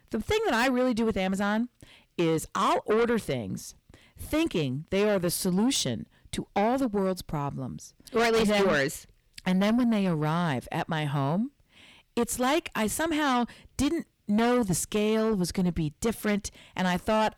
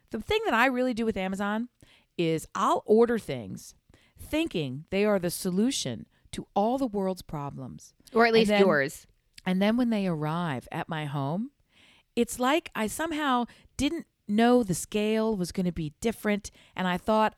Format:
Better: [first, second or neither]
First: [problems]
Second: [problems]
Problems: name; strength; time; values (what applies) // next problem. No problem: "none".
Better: second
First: distortion; heavy; 7 dB below the speech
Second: none